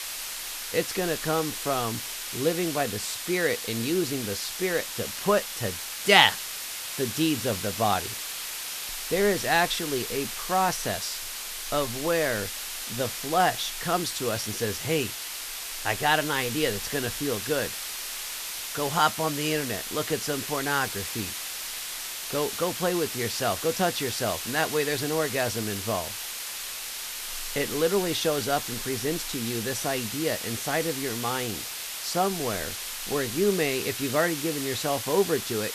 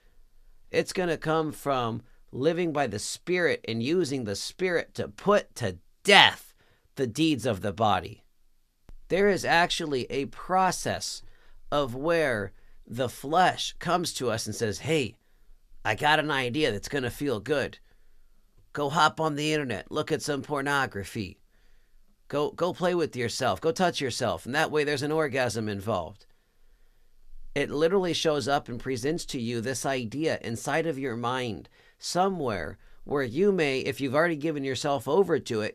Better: second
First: hiss; loud; throughout; 4 dB below the speech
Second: none

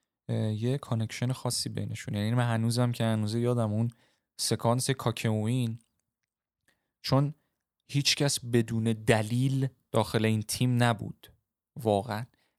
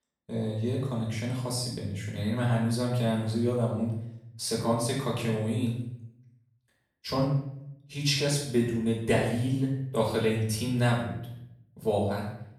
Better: first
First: none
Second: off-mic speech; far // room echo; noticeable; dies away in 0.6 s

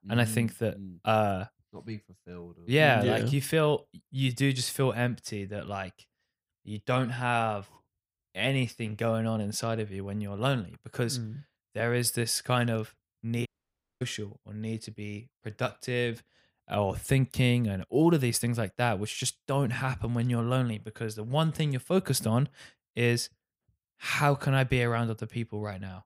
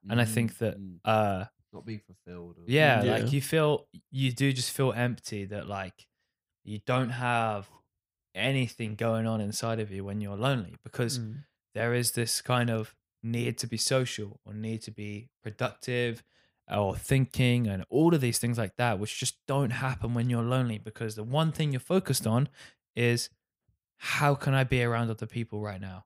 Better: second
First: audio cutting out; at 13 s for 0.5 s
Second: none

